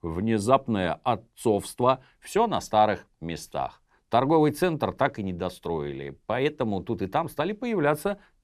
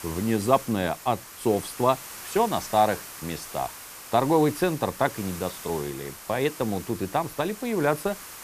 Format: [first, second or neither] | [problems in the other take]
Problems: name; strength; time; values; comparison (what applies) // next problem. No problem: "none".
first | hiss; noticeable; throughout; 10 dB below the speech